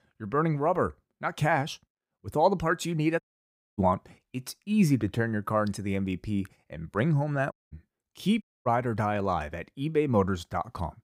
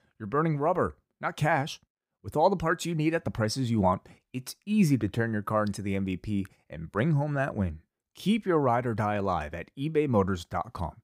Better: second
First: audio cutting out; at 3 s for 0.5 s, at 7.5 s and at 8.5 s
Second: none

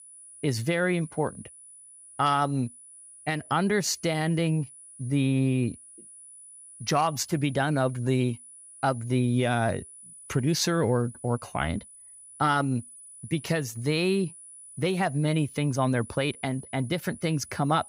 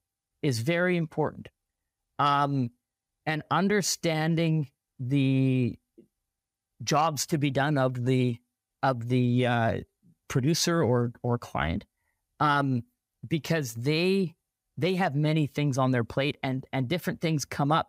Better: second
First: high-pitched whine; noticeable; throughout; 10 kHz, 20 dB below the speech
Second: none

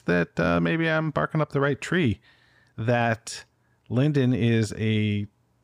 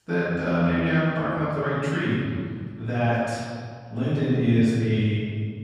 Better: first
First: none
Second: off-mic speech; far // room echo; strong; dies away in 2 s

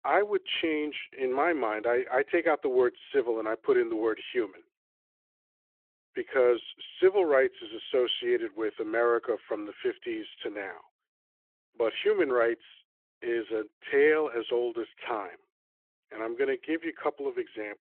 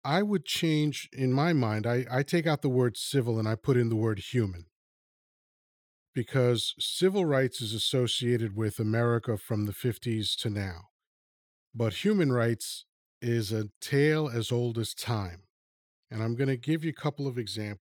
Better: second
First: phone-call audio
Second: none

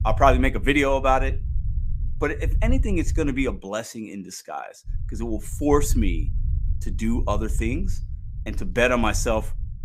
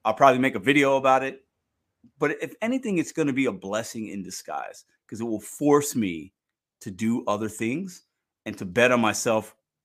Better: second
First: low rumble; faint; until 3.5 s and from 5 s on; 25 dB below the speech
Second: none

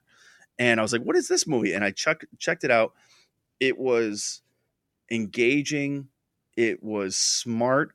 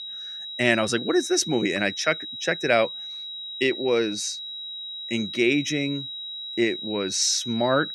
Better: first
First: none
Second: high-pitched whine; loud; throughout; 4 kHz, 8 dB below the speech

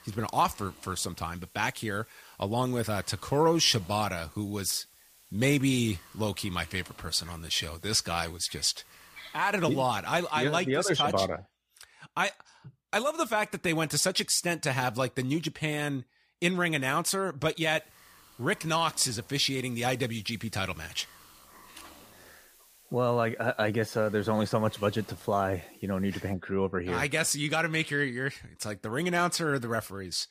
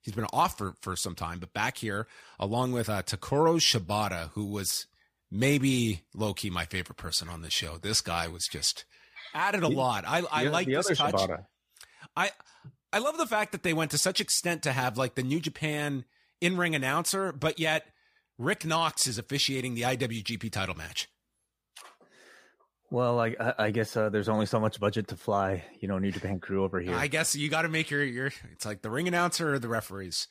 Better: second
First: hiss; faint; until 10 s and from 18 to 26 s; 25 dB below the speech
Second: none

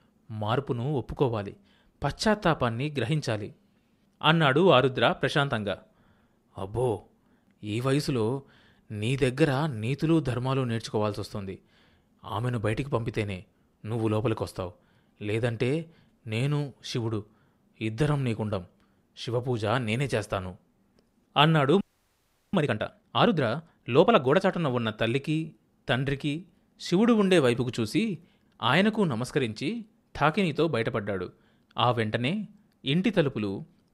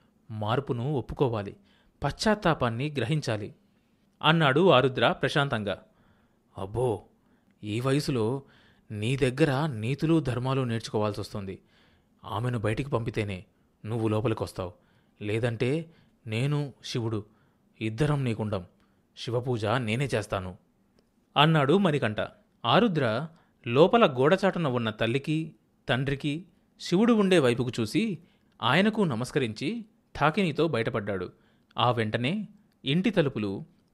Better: second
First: audio freezing; at 22 s for 0.5 s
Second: none

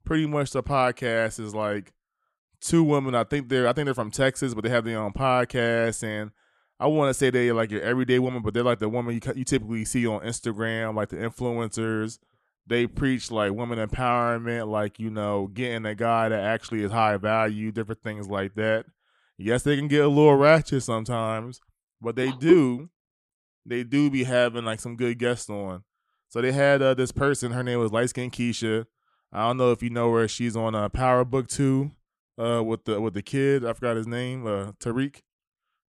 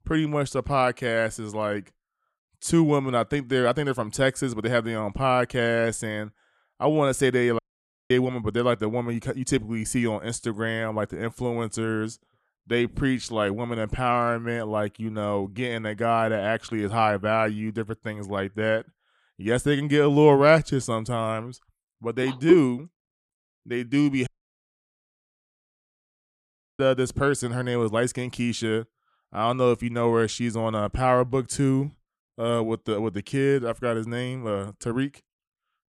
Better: first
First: none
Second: audio cutting out; at 7.5 s for 0.5 s and at 24 s for 2.5 s

